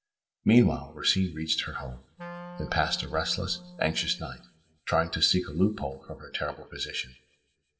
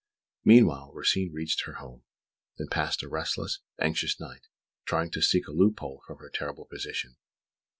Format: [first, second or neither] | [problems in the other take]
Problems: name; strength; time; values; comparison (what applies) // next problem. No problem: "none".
second | background sound (Wind instrument, woodwind instrument); 16 dB below the speech // room echo; dies away in 0.7 s